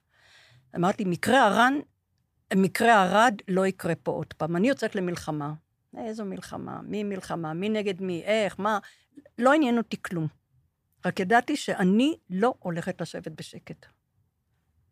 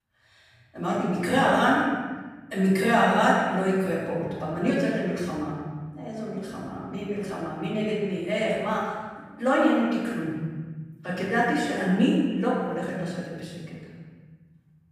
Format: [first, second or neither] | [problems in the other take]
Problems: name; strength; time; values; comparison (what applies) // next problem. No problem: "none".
first | off-mic speech; far // room echo; strong; dies away in 1.6 s